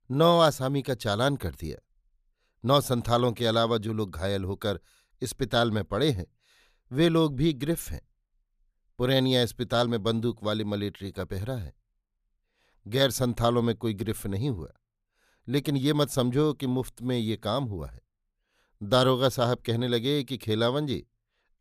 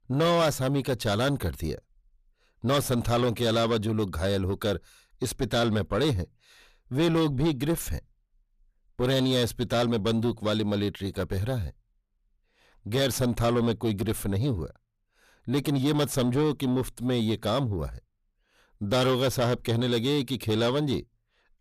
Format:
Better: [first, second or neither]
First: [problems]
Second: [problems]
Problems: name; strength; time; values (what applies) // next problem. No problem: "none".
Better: first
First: none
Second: distortion; heavy; 7 dB below the speech